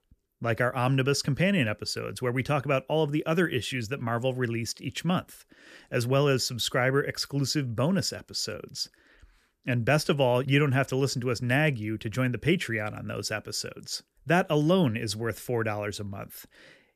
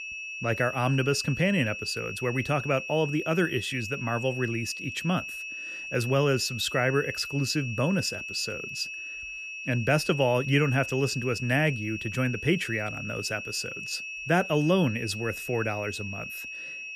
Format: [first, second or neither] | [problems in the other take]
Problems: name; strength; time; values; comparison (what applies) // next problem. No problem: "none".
first | high-pitched whine; loud; throughout; 2.5 kHz, 7 dB below the speech